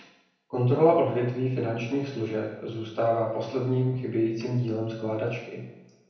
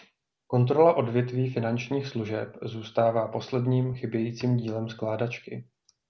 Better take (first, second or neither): second